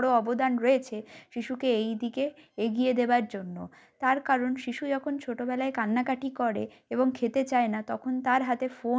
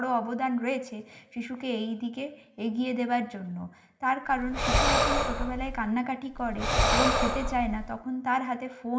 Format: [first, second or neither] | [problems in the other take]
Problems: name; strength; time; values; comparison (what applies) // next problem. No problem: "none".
first | background sound (Breathing); 3 dB above the speech // room echo; dies away in 0.8 s